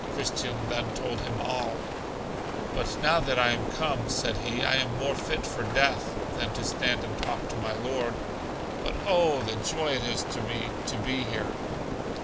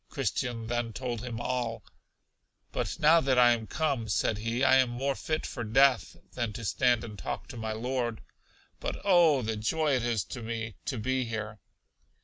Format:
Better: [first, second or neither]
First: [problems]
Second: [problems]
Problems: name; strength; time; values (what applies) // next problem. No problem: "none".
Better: second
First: background sound (Rain); 2 dB below the speech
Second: none